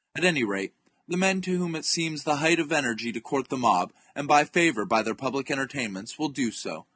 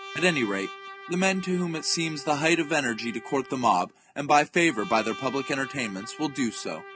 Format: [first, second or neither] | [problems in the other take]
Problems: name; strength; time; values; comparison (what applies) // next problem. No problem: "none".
first | background sound (Trumpet); 16 dB below the speech